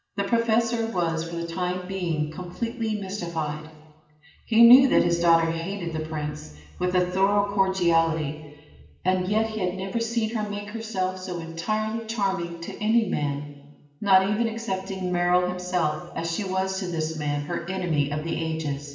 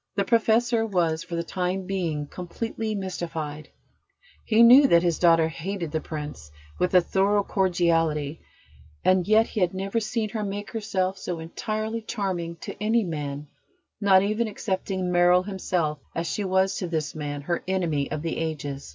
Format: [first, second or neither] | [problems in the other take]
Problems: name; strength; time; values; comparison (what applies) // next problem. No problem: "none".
second | room echo; dies away in 1.1 s